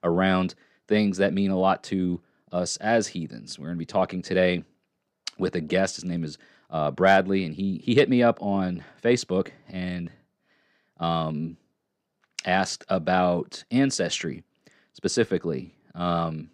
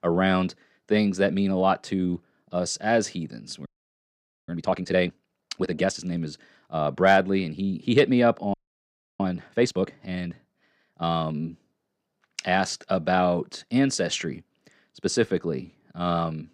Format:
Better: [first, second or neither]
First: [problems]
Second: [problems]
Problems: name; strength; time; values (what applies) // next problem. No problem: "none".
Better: first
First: none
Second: audio freezing; at 3.5 s for 1 s and at 8.5 s for 0.5 s